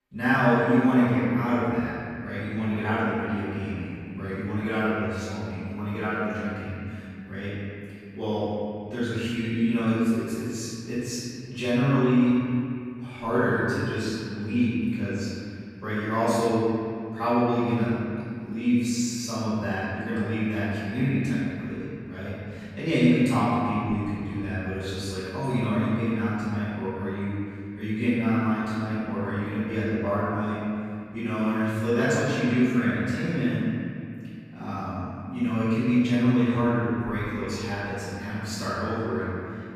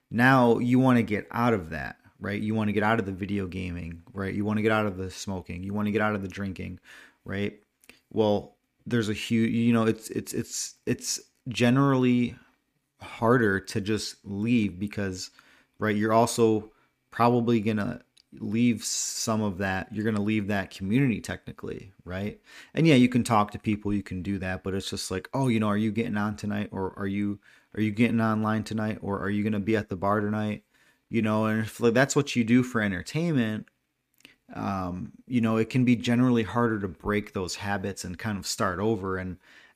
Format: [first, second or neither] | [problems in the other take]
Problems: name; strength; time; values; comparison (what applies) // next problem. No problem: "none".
second | off-mic speech; far // room echo; strong; dies away in 2.4 s